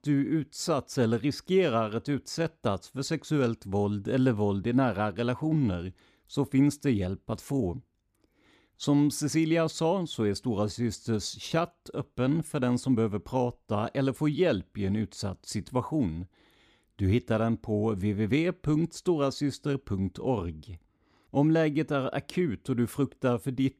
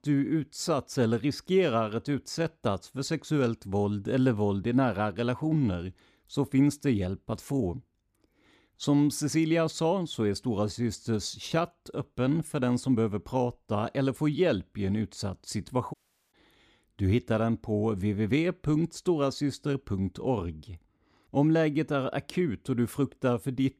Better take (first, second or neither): first